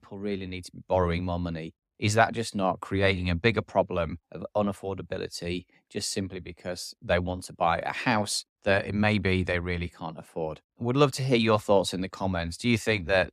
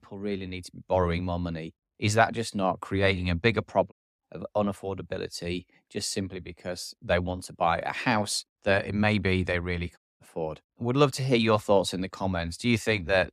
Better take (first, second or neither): first